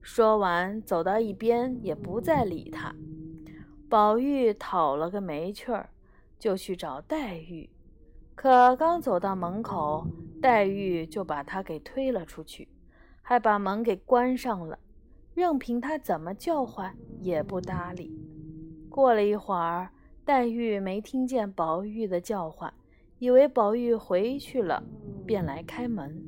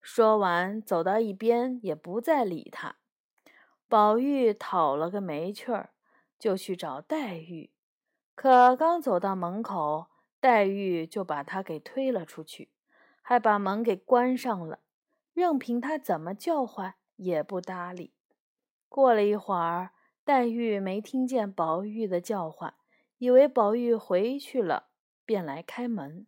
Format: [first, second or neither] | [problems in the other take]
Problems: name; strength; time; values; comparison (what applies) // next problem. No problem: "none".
second | low rumble; faint; throughout; 25 dB below the speech